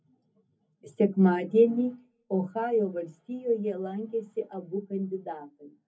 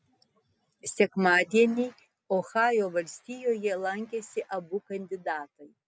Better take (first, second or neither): second